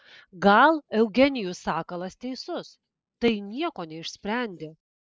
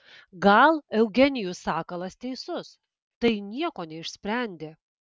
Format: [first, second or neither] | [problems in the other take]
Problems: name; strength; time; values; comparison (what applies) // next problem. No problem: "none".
second | noise reduction (neural mask model Resemble Enhance denoiser)